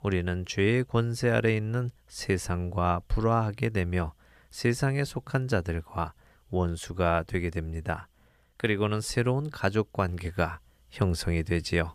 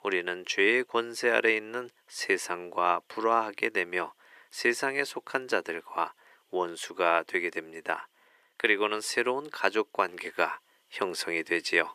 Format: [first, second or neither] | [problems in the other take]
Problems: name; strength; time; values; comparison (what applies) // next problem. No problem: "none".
first | thin; very; fading below 350 Hz